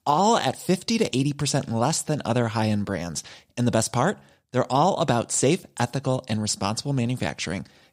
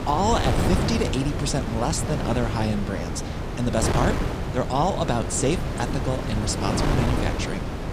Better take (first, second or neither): first